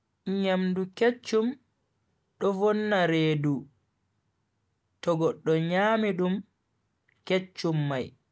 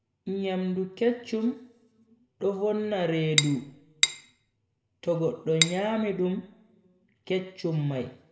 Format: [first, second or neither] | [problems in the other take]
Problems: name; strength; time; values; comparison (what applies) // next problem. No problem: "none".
first | background sound (Cutlery, silverware / Dishes, pots, and pans); 1 dB above the speech // room echo; dies away in 1.2 s